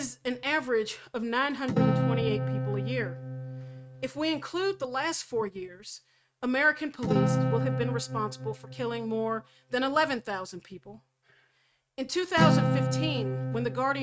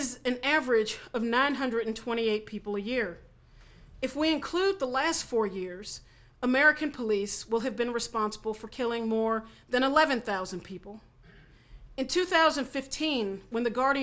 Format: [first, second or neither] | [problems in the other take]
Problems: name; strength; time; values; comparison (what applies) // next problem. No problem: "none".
second | noise reduction (neural mask model RNNoise)